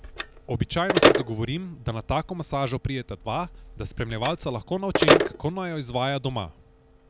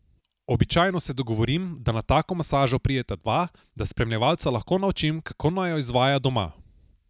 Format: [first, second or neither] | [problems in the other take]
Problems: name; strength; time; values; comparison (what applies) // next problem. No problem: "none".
second | background sound (Telephone); 2 dB above the speech